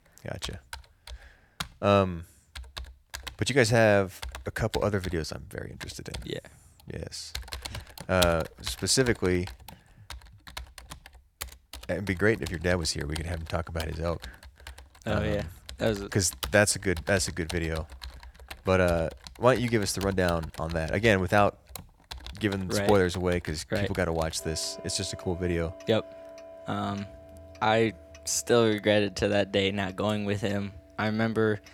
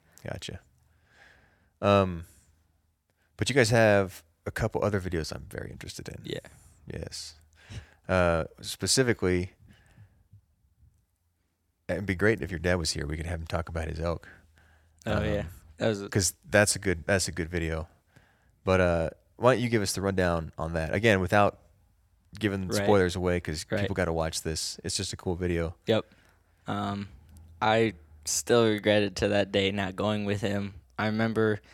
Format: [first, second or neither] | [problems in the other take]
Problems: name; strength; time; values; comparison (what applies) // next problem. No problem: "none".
second | household noises; noticeable; throughout; 15 dB below the speech